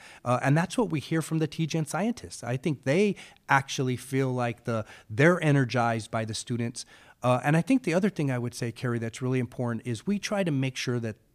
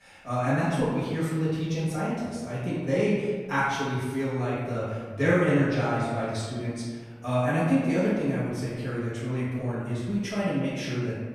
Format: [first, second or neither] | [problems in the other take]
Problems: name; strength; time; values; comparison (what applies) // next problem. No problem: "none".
first | off-mic speech; far // room echo; strong; dies away in 1.4 s